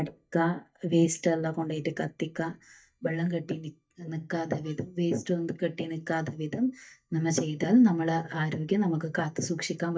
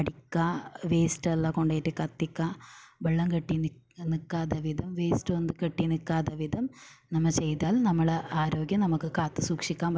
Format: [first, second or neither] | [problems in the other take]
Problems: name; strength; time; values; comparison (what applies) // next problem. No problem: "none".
second | noise reduction (neural mask model DeepFilterNet 3)